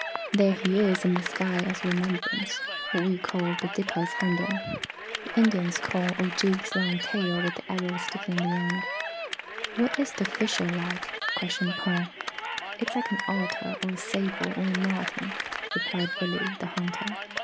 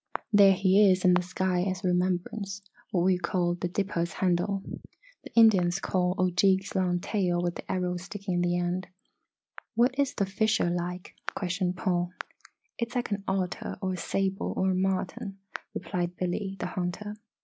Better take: second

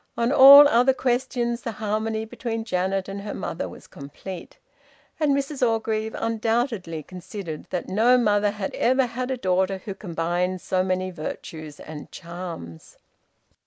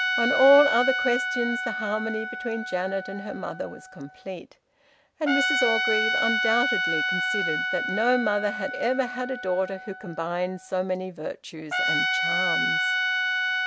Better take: first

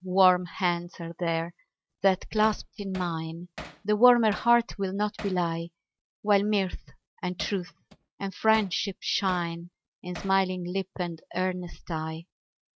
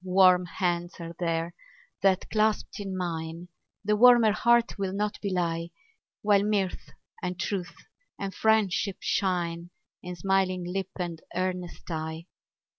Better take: second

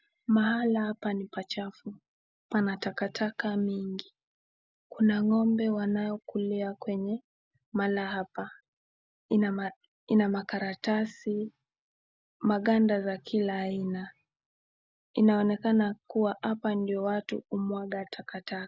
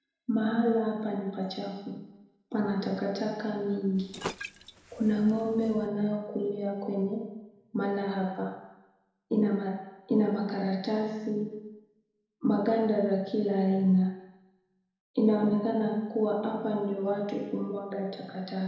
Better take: first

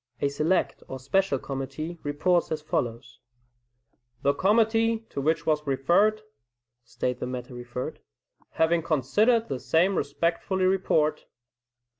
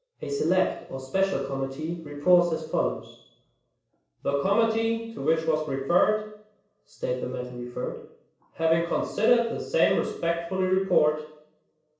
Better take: first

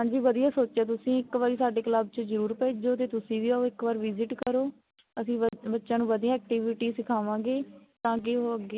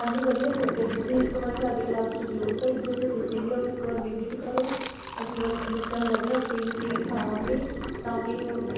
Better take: first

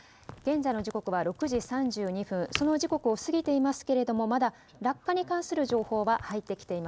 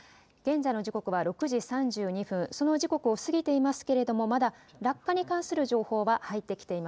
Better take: second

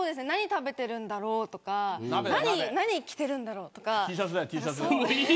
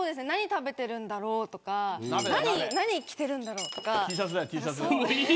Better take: first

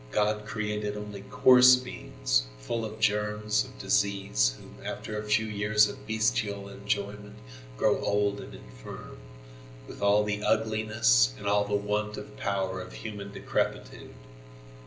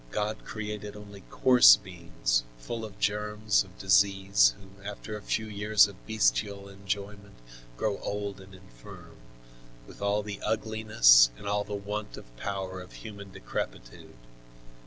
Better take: second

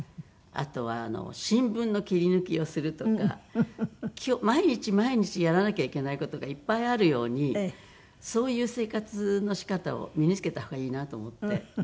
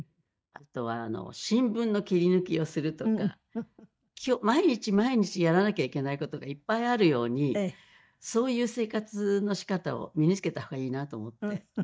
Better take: first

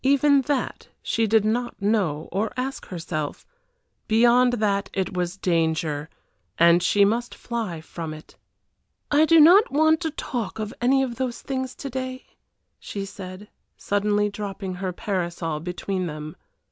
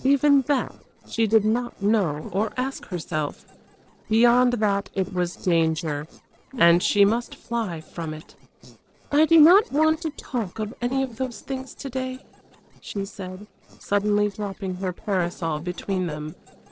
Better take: first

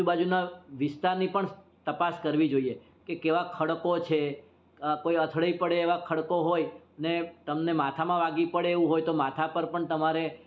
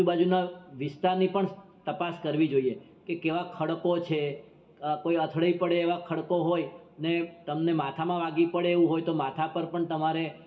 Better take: first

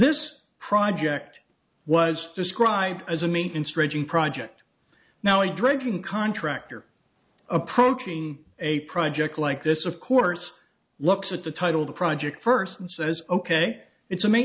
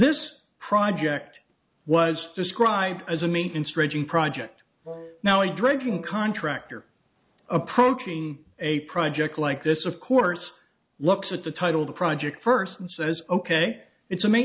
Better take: first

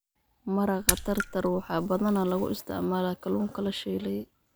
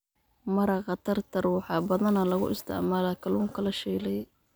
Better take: second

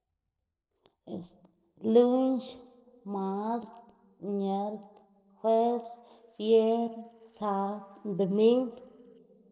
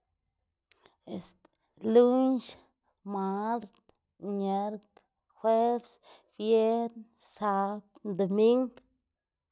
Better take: second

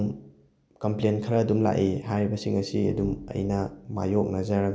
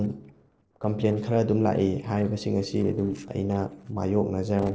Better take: first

